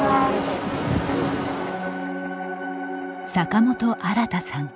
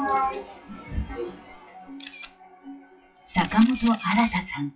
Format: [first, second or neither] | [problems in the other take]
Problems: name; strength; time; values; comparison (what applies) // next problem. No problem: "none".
first | noise reduction (classical method WPE with log-MMSE)